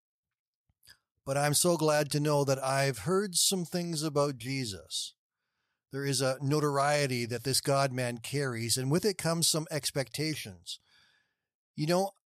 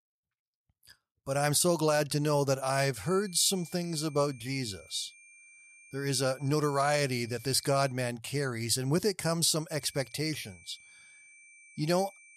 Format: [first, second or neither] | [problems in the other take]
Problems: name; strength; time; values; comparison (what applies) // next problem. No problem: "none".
first | high-pitched whine; faint; from 3 to 8 s and from 9.5 s on; 2.5 kHz, 25 dB below the speech